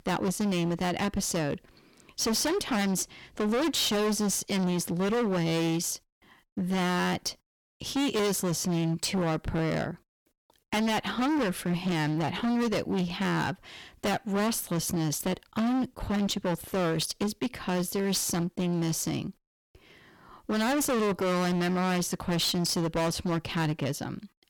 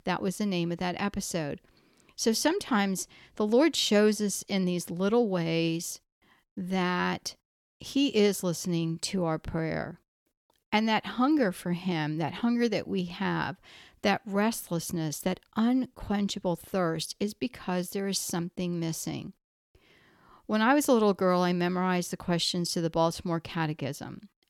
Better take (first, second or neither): second